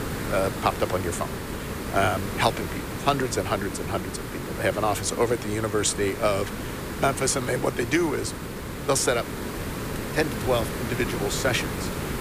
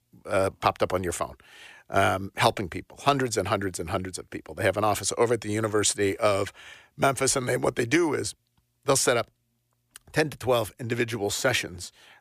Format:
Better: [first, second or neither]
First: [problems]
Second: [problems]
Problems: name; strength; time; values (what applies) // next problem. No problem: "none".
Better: second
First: hiss; loud; throughout; 6 dB below the speech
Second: none